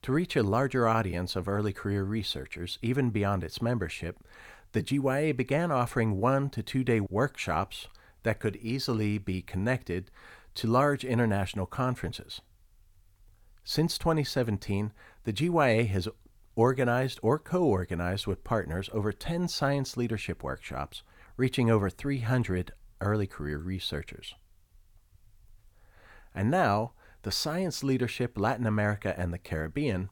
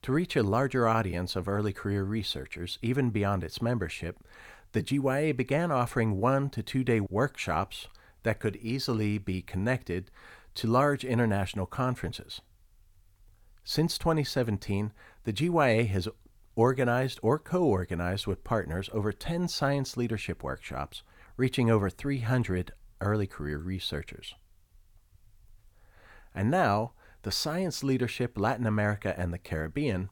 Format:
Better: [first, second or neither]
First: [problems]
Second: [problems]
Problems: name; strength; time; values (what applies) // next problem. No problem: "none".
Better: neither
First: none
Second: none